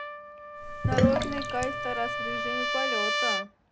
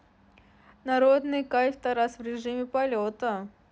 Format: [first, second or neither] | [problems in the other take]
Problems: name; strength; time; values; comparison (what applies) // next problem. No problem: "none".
second | background sound (Sink (filling or washing) + Trumpet); 5 dB above the speech